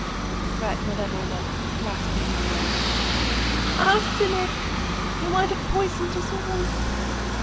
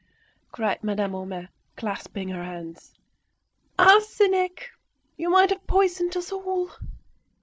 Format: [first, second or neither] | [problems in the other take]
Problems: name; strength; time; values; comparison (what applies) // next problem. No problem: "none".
second | background sound (Accelerating, revving, vroom + Aircraft); 4 dB above the speech